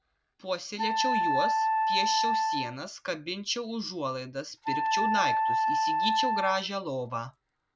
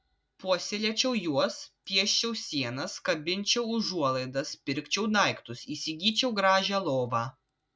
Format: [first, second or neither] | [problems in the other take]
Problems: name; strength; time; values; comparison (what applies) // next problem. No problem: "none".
second | background sound (Wind instrument, woodwind instrument); 4 dB above the speech